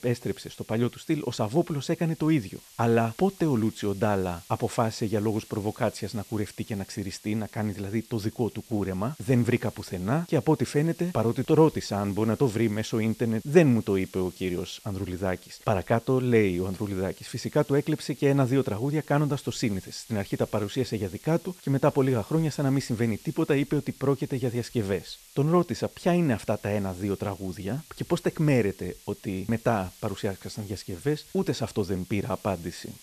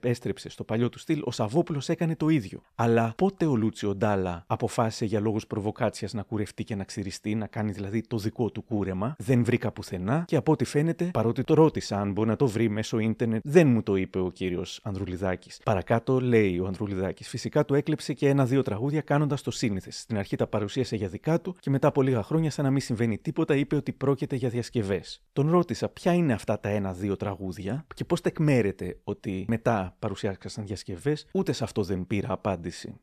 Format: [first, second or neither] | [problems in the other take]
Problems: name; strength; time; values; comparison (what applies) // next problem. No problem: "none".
second | hiss; faint; throughout; 20 dB below the speech